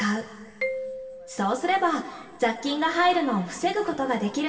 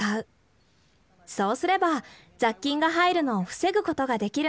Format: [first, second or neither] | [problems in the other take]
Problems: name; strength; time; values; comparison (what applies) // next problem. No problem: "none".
second | background sound (Marimba, xylophone); 13 dB below the speech // room echo; dies away in 2.1 s